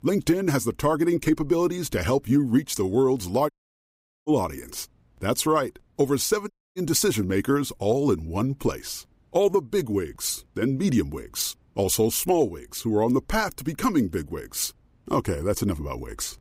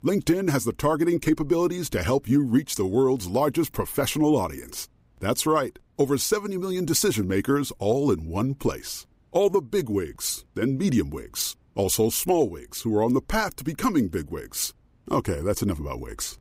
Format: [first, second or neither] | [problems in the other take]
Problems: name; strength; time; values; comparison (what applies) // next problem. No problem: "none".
second | audio cutting out; at 3.5 s for 1 s and at 6.5 s